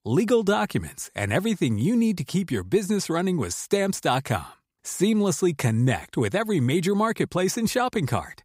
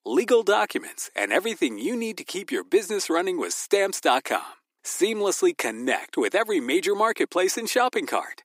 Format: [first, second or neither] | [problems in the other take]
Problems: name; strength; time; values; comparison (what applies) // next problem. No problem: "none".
first | thin; somewhat; fading below 300 Hz